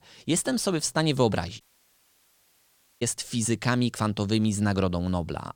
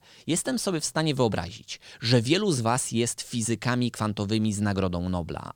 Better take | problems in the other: second | audio cutting out; at 1.5 s for 1.5 s

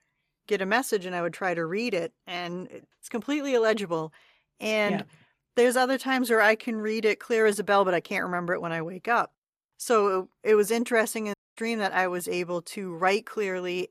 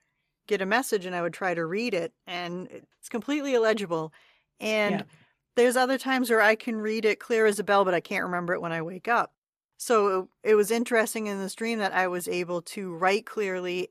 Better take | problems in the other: second | audio cutting out; at 11 s

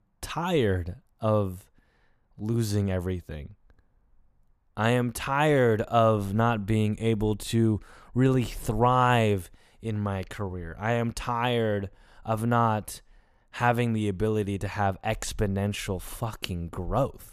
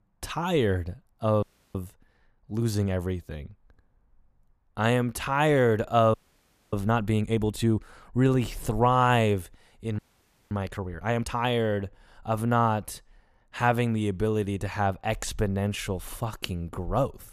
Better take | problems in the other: first | audio freezing; at 1.5 s, at 6 s for 0.5 s and at 10 s for 0.5 s

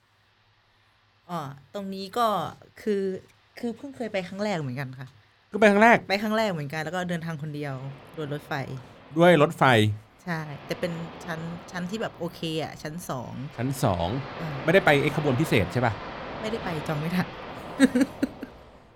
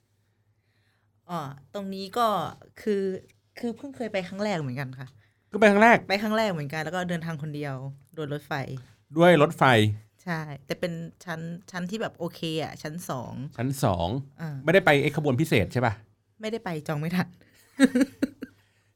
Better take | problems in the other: second | rain or running water; noticeable; throughout; 15 dB below the speech

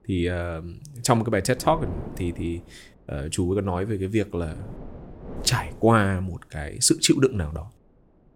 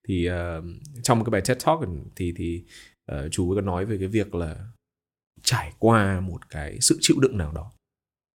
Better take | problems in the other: second | wind noise on the microphone; occasional gusts; 20 dB below the speech

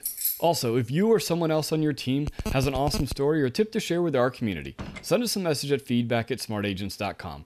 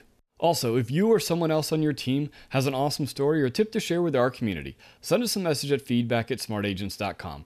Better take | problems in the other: second | jangling keys; noticeable; at the start; peak 1 dB below the speech // phone ringing; noticeable; at 2.5 s; peak 8 dB below the speech // door banging; faint; at 4.5 s; peak 15 dB below the speech

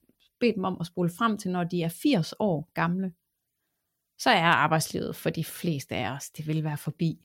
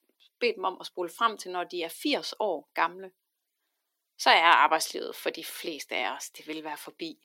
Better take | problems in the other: first | thin; very; fading below 300 Hz

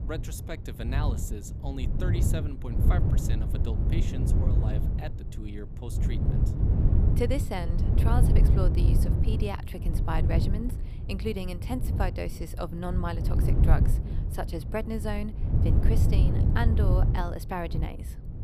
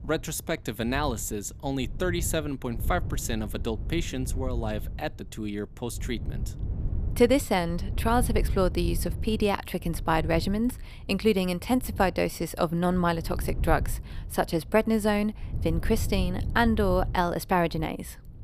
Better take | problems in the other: second | wind noise on the microphone; heavy; 3 dB below the speech; occasional gusts in the second

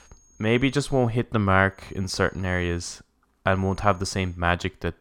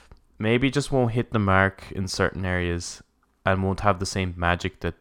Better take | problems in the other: second | high-pitched whine; faint; until 1 s, from 1.5 to 3 s and at 3.5 s; 6.5 kHz, 35 dB below the speech

